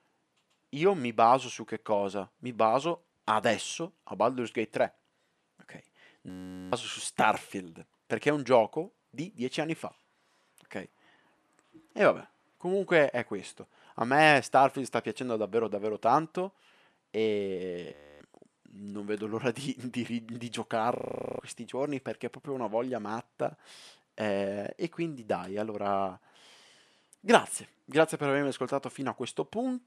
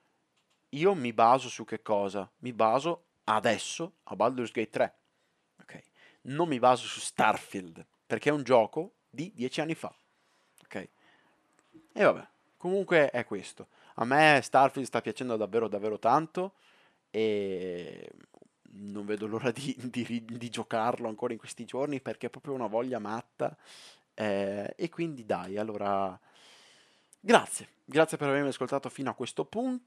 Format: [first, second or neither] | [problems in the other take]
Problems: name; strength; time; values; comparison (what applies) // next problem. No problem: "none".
second | audio freezing; at 6.5 s, at 18 s and at 21 s